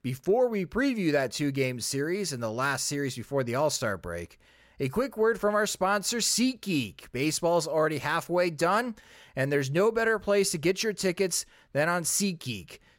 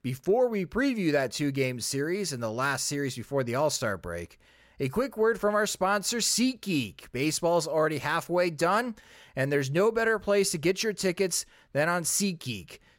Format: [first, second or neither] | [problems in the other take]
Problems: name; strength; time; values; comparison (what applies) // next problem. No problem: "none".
neither | none